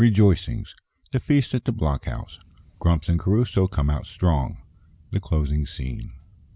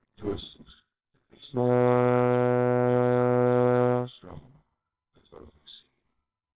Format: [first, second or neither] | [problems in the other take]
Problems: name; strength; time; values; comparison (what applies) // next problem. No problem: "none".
first | noise reduction (neural separator model SepFormer WHAMR!)